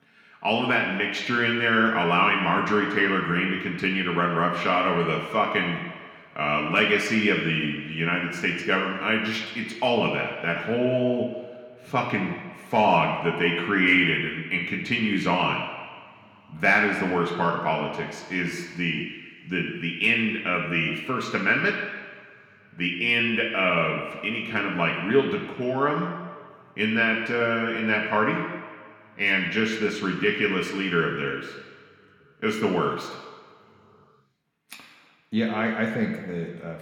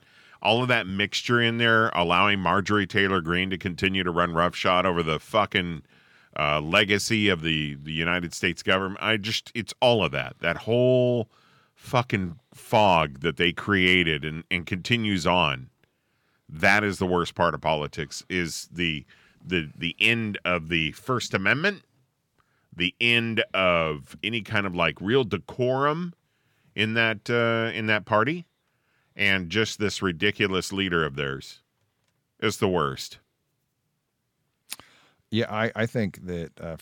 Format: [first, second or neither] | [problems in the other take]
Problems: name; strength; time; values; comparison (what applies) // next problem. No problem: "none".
second | room echo; noticeable; dies away in 1.7 s // off-mic speech; somewhat distant